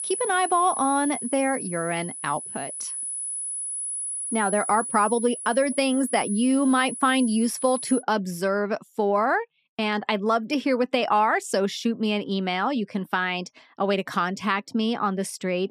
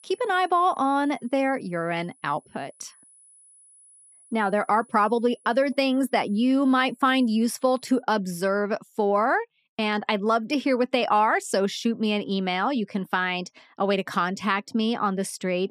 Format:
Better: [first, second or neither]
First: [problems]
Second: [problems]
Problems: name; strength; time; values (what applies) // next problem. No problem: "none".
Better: second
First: high-pitched whine; loud; until 8 s; 10 kHz, 6 dB below the speech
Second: high-pitched whine; faint; until 8 s; 10 kHz, 30 dB below the speech